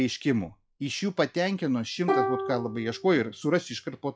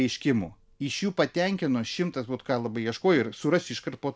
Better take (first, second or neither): second